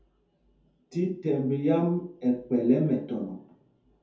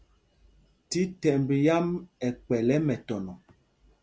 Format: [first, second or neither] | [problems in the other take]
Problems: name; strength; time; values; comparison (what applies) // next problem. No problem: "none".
second | room echo; dies away in 0.5 s